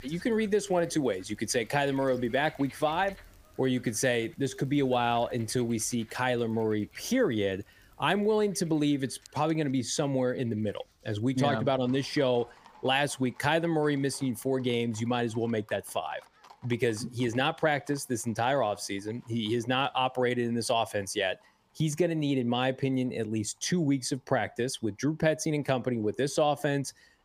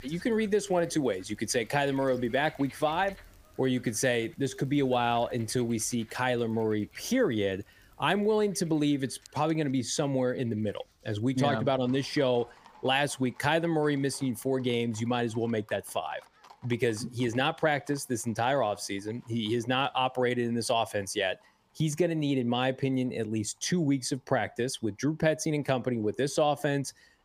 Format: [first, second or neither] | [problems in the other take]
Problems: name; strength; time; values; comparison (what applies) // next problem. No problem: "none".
neither | animal sounds; faint; throughout; 25 dB below the speech; the same in both